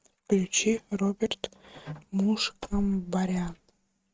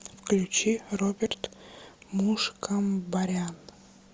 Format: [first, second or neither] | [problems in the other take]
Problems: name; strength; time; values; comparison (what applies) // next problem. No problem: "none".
second | noise reduction (neural mask model RNNoise)